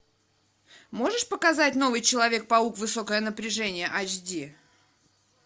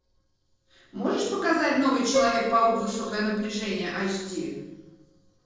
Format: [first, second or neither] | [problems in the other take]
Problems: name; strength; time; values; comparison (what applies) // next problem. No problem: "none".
first | noise reduction (neural separator model SepFormer DNS4)